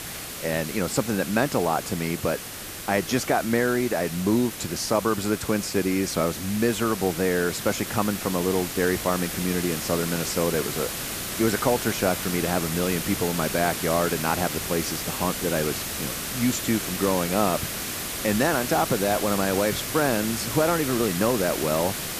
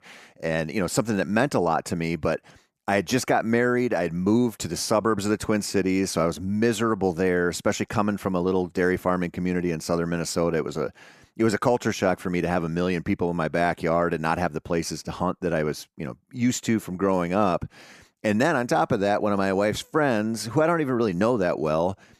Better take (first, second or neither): second